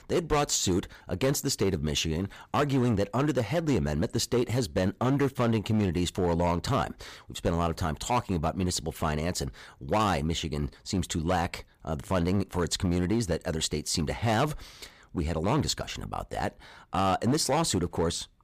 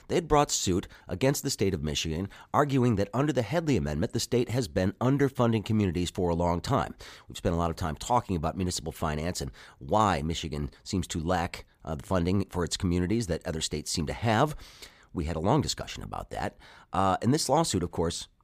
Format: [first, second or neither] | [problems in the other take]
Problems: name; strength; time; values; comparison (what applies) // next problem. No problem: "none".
second | distortion; slight; 6% of the sound clipped